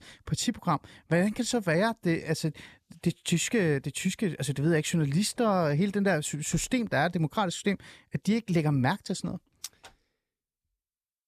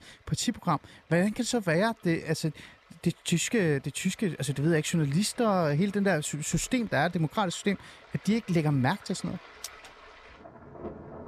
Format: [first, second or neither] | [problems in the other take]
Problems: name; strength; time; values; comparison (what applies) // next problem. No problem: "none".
first | rain or running water; faint; throughout; 25 dB below the speech